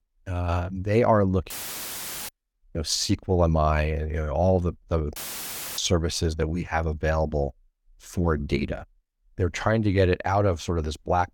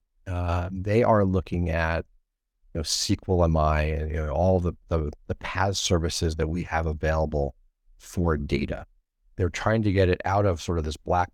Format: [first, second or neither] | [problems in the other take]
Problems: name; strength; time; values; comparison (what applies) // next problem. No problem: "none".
second | audio cutting out; filled with static; at 1.5 s for 1 s and at 5 s for 0.5 s